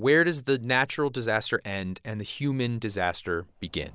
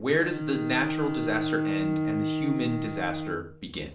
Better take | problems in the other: first | background sound (Bowed string instrument); as loud as the speech // room echo; dies away in 0.4 s

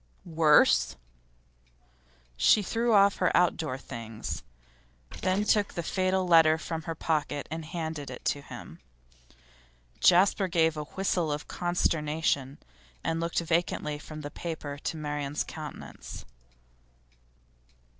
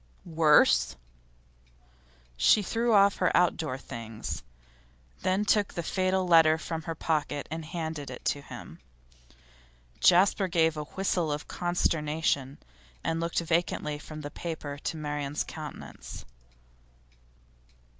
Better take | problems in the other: second | noise reduction (neural separator model SepFormer DNS4)

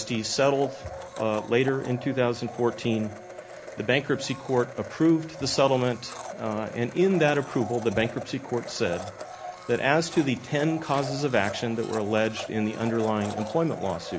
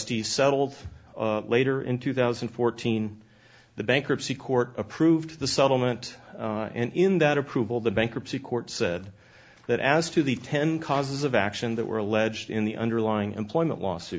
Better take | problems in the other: second | background sound (Domestic sounds, home sounds); 13 dB below the speech

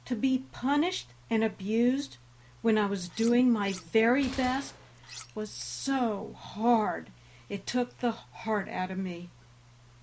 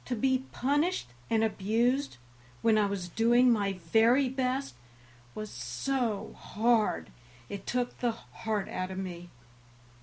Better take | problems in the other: second | background sound (Gunshot, gunfire + Cutlery, silverware); 17 dB below the speech

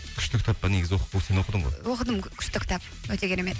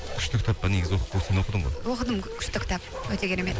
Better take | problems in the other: first | background sound (Bark); 9 dB below the speech

